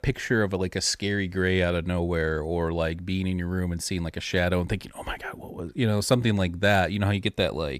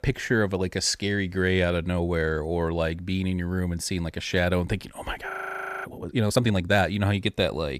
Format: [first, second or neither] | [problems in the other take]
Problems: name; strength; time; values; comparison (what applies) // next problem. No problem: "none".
first | audio freezing; at 5.5 s for 0.5 s